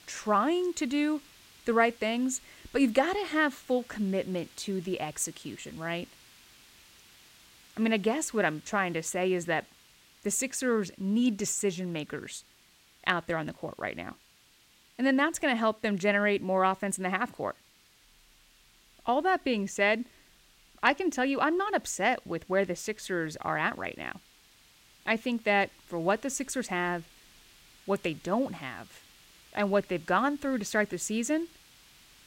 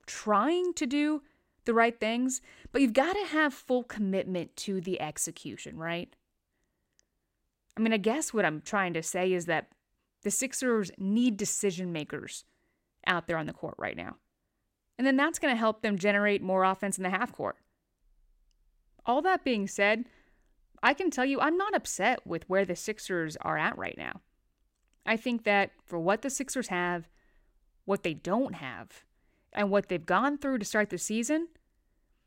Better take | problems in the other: second | hiss; faint; throughout; 25 dB below the speech

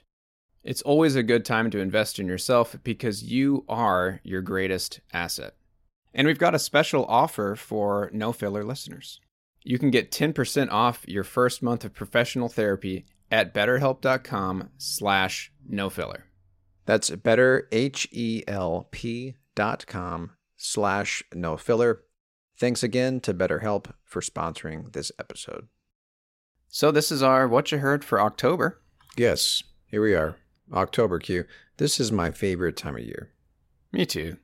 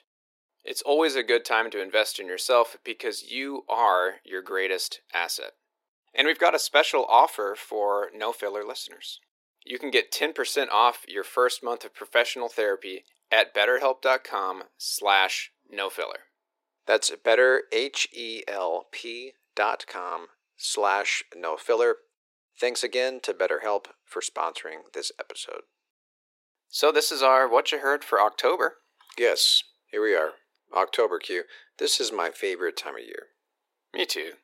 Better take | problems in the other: first | thin; very; fading below 350 Hz

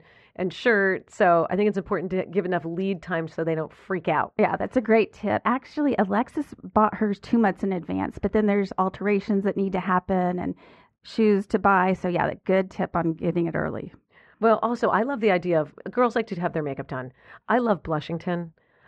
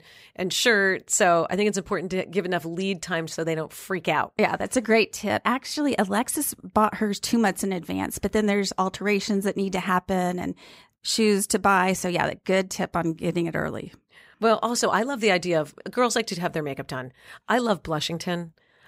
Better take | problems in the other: second | muffled; very; fading above 1.5 kHz

